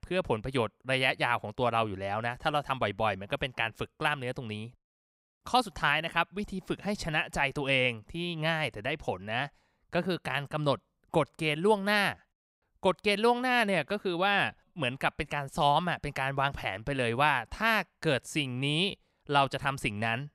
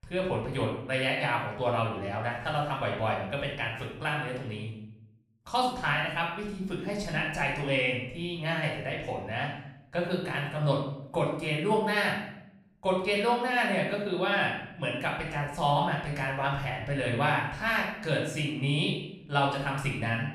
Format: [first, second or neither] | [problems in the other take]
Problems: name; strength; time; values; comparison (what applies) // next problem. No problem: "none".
first | room echo; noticeable; dies away in 0.7 s // off-mic speech; far